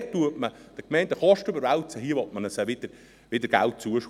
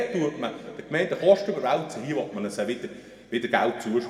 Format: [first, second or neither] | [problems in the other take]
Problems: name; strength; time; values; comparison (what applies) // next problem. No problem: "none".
first | room echo; dies away in 1.9 s